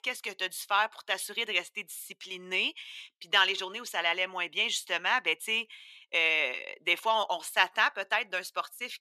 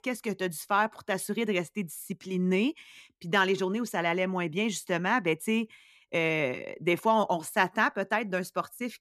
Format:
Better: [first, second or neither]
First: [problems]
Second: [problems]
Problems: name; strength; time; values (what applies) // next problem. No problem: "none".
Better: second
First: thin; very; fading below 700 Hz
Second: none